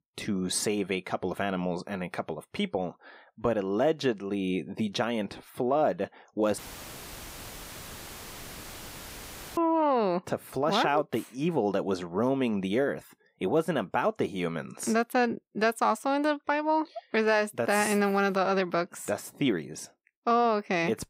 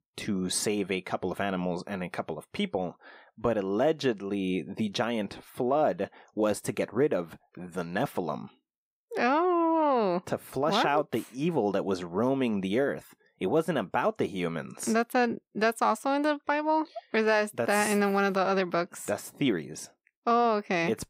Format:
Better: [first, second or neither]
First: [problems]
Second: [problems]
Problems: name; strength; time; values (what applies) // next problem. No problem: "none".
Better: second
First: audio cutting out; filled with static; at 6.5 s for 3 s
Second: none